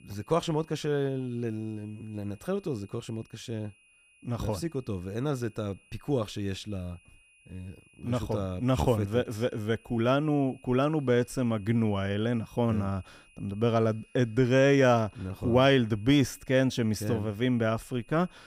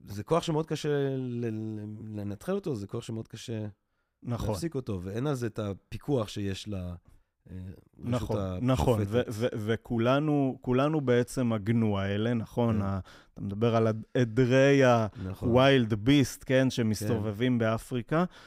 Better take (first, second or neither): second